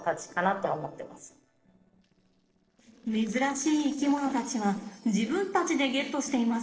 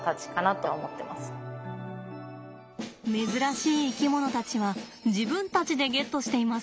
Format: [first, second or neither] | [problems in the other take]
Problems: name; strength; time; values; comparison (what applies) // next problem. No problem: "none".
second | noise reduction (neural separator model SepFormer DNS4)